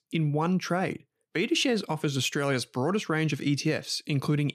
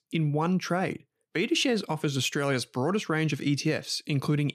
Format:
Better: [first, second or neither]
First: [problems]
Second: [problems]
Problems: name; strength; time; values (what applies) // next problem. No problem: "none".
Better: neither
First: none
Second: none